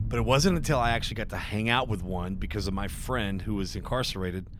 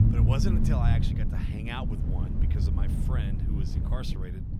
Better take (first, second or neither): first